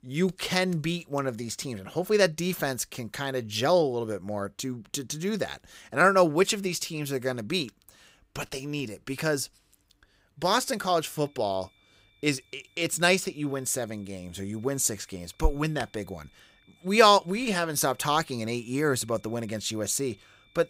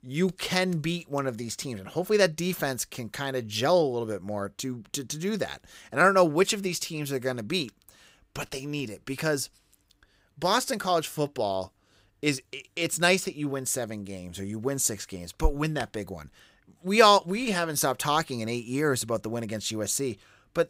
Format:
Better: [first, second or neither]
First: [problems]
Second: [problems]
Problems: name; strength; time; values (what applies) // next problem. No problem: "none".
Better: second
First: high-pitched whine; faint; from 10 s on; 2.5 kHz, 35 dB below the speech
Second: none